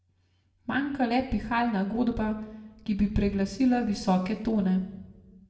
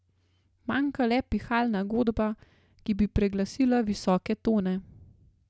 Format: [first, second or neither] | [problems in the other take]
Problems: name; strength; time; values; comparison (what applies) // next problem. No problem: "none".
second | room echo; dies away in 0.8 s